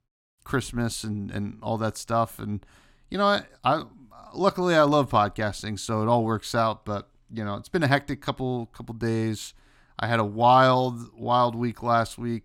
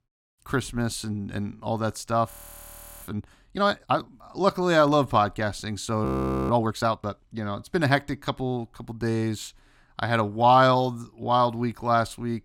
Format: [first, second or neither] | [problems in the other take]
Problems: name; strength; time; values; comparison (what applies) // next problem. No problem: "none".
first | audio freezing; at 2.5 s for 0.5 s and at 6 s